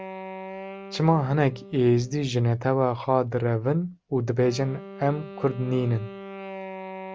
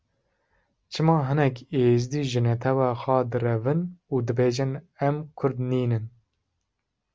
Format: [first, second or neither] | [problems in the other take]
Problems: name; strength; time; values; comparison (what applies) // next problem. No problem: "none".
second | background sound (Wind instrument, woodwind instrument); 15 dB below the speech